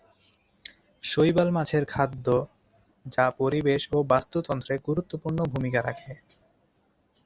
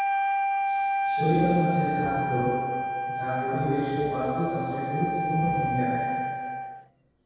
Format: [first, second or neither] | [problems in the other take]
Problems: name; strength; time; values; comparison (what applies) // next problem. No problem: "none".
first | background sound (Wind instrument, woodwind instrument); 1 dB above the speech // room echo; dies away in 2 s